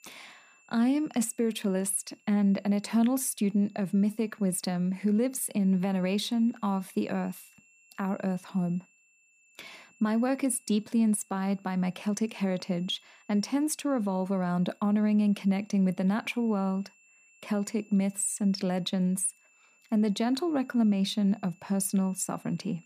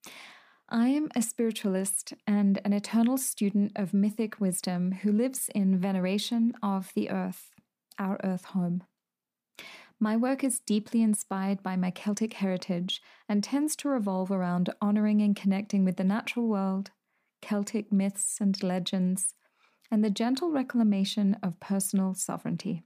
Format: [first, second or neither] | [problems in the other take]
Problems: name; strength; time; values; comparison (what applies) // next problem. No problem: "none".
second | high-pitched whine; faint; throughout; 2.5 kHz, 30 dB below the speech